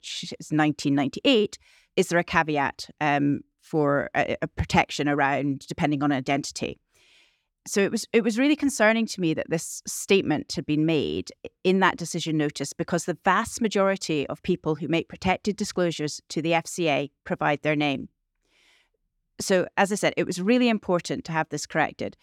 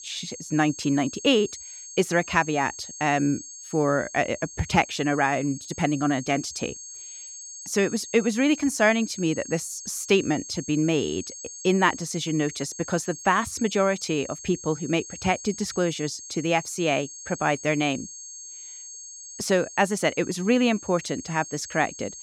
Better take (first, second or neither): first